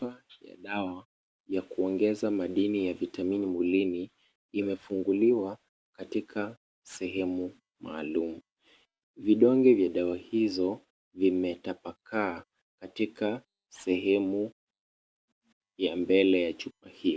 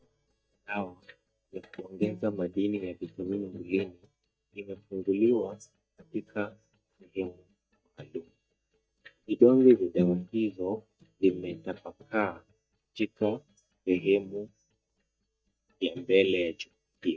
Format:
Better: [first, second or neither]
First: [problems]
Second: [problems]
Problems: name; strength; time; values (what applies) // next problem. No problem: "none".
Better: first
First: none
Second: noise reduction (neural mask model DeepFilterNet 3)